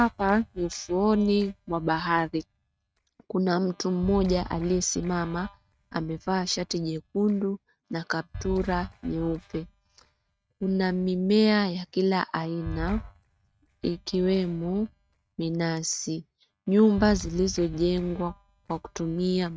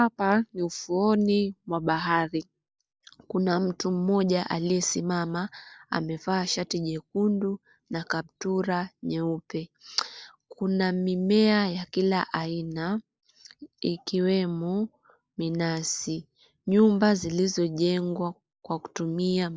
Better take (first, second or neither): second